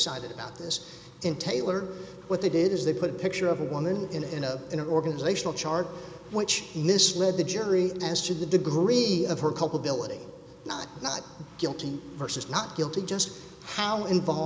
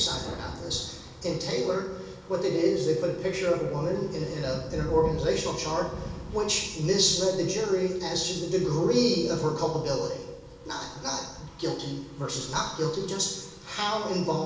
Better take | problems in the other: first | background sound (Thunder); 15 dB below the speech // room echo; dies away in 0.7 s

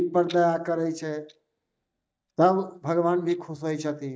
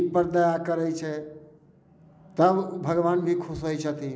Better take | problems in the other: second | noise reduction (neural mask model DeepFilterNet 3)

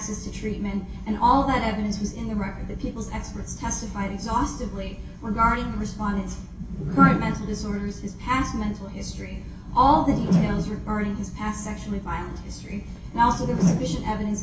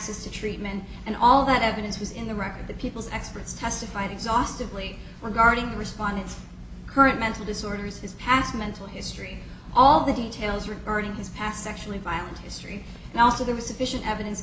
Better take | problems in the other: second | background sound (Whoosh, swoosh, swish); as loud as the speech // room echo; dies away in 0.2 s

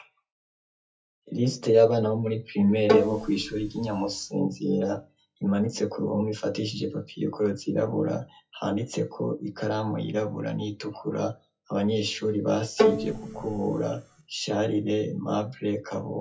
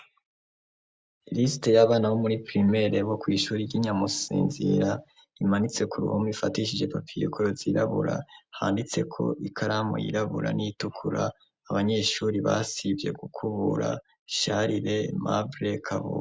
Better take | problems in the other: second | noise reduction (classical method WPE with log-MMSE)

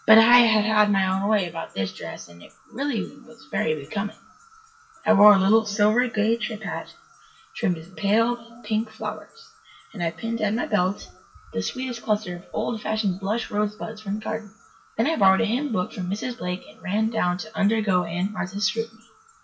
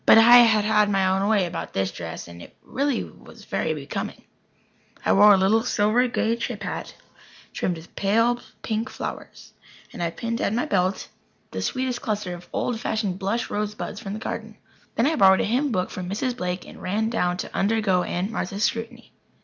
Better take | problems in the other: second | noise reduction (classical method WPE with log-MMSE)

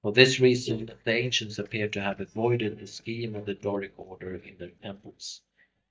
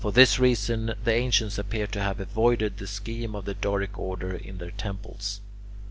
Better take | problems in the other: second | noise reduction (neural mask model DeepFilterNet 3)

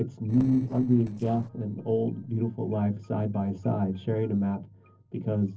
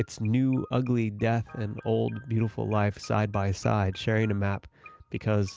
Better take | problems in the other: second | noise reduction (neural separator model SepFormer DNS4)

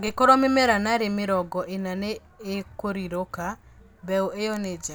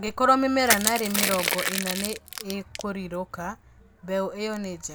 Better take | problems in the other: first | background sound (Crushing); 2 dB below the speech

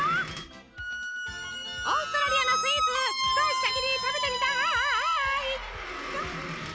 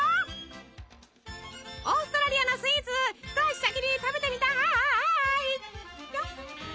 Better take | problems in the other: second | background sound (Squeak); 1 dB below the speech

